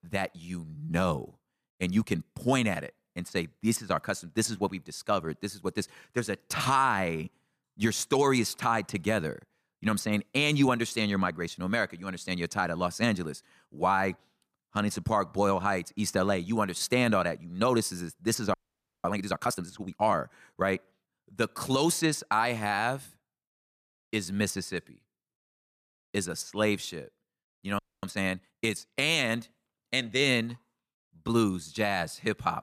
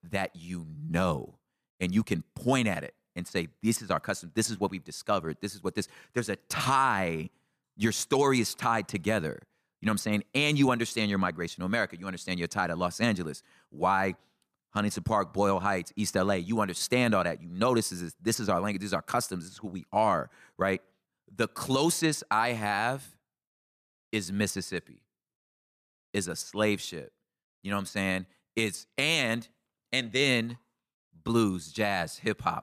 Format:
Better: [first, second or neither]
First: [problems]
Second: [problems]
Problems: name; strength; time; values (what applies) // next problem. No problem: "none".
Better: second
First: audio freezing; at 19 s for 0.5 s and at 28 s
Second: none